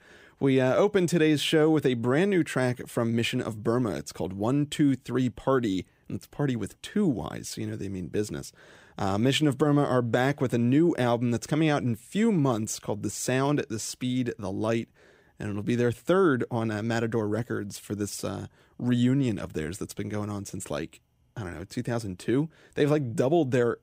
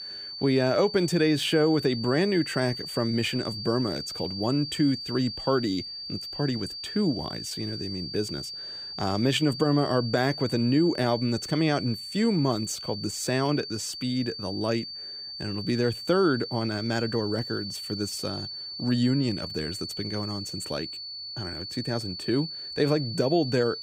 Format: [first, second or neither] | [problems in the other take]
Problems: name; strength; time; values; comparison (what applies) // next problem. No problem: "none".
first | high-pitched whine; loud; throughout; 4.5 kHz, 7 dB below the speech